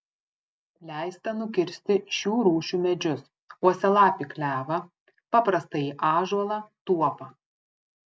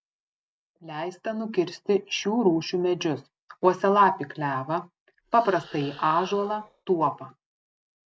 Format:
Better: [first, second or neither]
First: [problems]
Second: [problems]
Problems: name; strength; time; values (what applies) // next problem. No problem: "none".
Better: first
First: none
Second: background sound (Animal); 20 dB below the speech